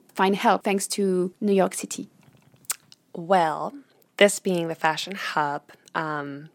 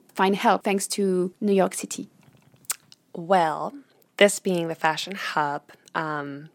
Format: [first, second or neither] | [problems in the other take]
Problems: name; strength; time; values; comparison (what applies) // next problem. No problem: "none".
neither | none